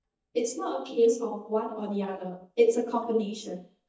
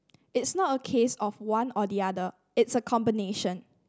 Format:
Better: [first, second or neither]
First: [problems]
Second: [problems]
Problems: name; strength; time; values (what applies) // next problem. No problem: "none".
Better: second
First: noise reduction (neural mask model DeepFilterNet 3)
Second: none